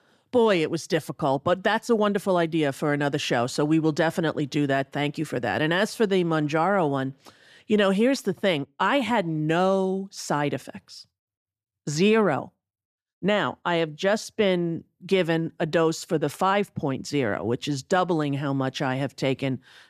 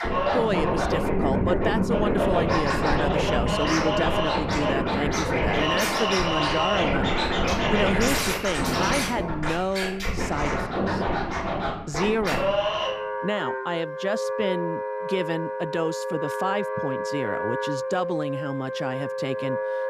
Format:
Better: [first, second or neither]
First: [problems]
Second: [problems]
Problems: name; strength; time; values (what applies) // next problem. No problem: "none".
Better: first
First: none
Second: background music; very loud; throughout; 3 dB above the speech